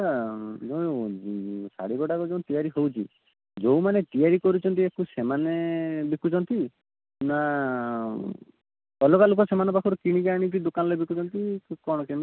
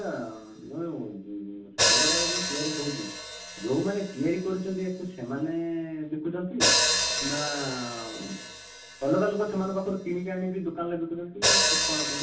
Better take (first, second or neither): first